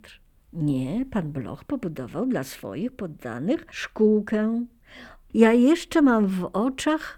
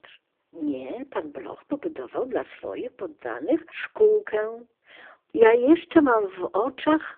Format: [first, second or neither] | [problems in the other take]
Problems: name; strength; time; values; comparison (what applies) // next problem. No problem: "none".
first | phone-call audio; poor line